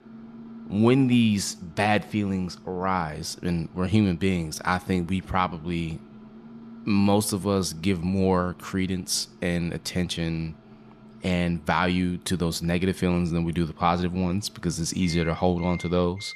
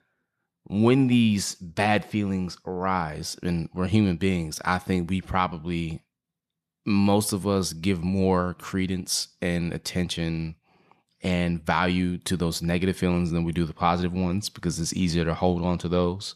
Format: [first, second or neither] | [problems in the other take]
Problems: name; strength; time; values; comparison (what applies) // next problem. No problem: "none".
second | household noises; faint; throughout; 20 dB below the speech